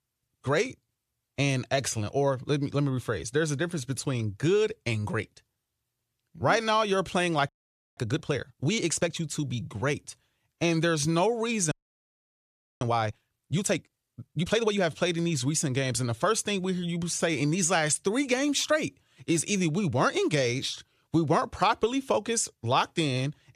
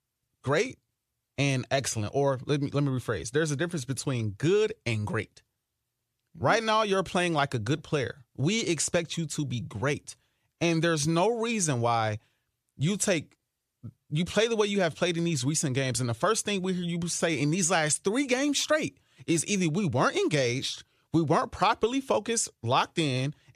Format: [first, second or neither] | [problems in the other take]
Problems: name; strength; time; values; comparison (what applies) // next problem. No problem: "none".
second | audio freezing; at 7.5 s and at 12 s for 1 s